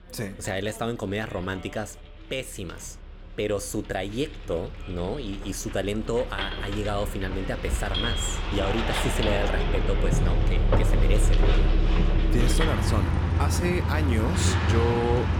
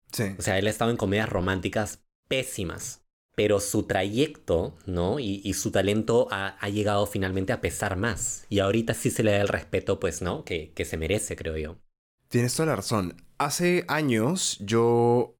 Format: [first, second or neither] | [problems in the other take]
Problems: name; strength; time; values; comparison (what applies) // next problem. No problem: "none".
second | traffic noise; very loud; throughout; 4 dB above the speech